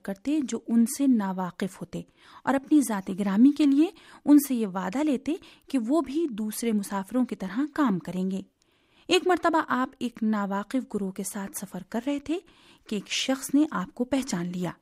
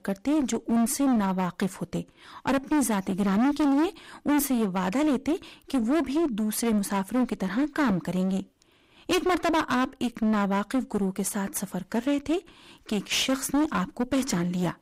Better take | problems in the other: first | distortion; heavy; 19% of the sound clipped

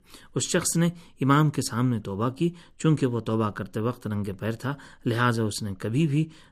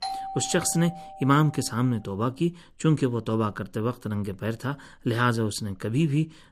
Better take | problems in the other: first | doorbell; noticeable; until 1.5 s; peak 6 dB below the speech

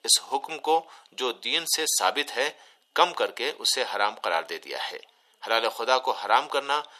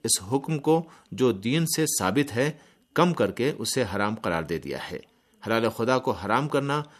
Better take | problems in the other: second | thin; very; fading below 500 Hz

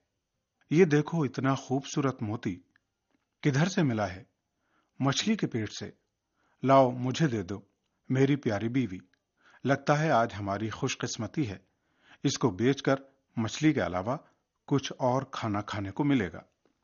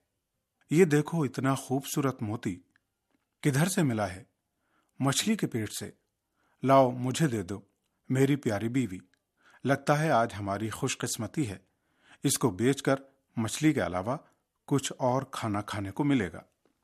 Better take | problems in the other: second | garbled, watery; slightly; nothing above 6.5 kHz

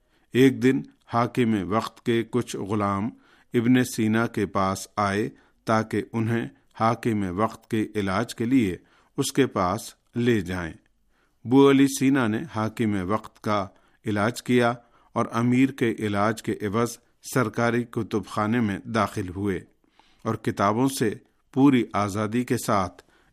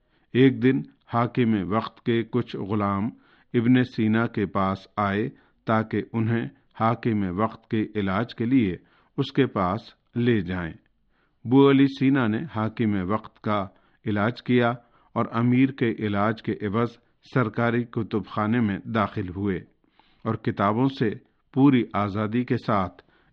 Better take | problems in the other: first | muffled; slightly; fading above 4 kHz

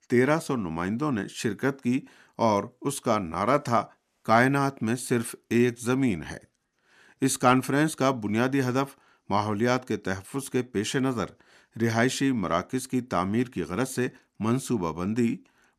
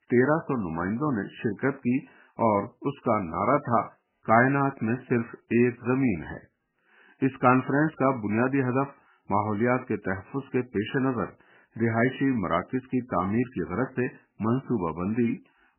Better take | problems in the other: first | garbled, watery; badly; nothing above 2.5 kHz

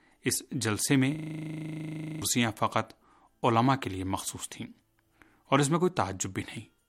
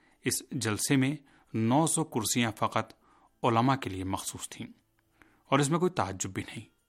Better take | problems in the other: second | audio freezing; at 1 s for 1 s

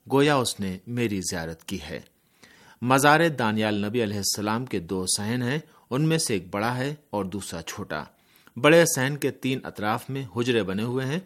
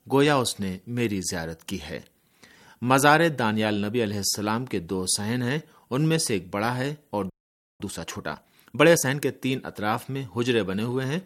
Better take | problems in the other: first | audio freezing; at 7.5 s for 0.5 s

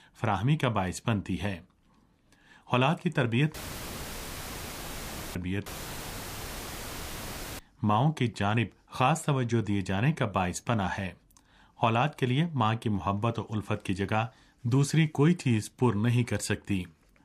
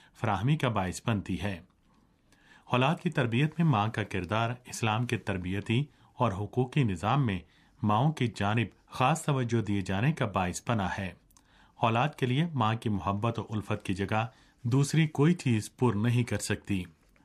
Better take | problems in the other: second | audio cutting out; filled with static; at 3.5 s for 2 s and at 5.5 s for 2 s

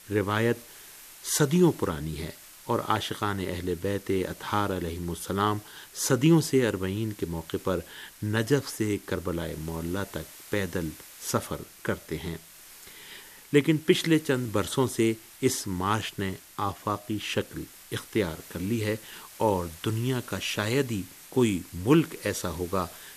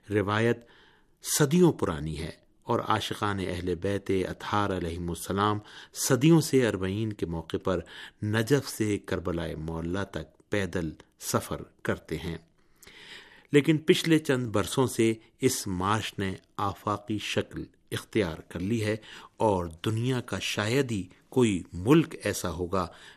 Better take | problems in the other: second | hiss; noticeable; throughout; 20 dB below the speech

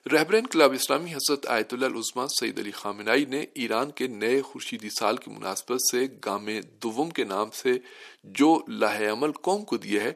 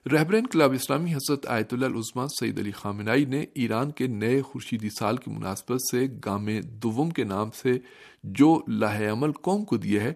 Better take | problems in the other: second | thin; somewhat; fading below 400 Hz

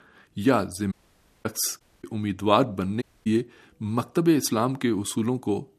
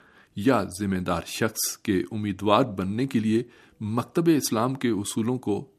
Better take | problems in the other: second | audio cutting out; at 1 s for 0.5 s, at 2 s and at 3 s

